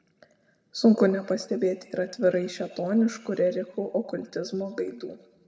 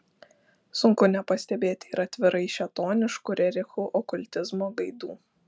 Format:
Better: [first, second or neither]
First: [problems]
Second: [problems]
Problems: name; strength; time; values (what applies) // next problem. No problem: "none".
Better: second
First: room echo; dies away in 1 s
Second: none